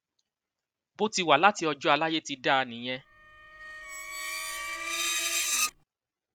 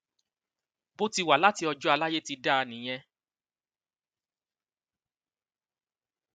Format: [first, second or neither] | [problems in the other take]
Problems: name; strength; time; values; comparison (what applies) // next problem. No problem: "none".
second | background sound (Screech); 4 dB below the speech